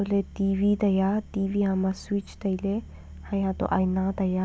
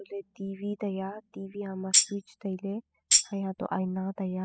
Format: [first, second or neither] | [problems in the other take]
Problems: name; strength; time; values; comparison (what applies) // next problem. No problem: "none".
first | noise reduction (classical method spectral subtraction)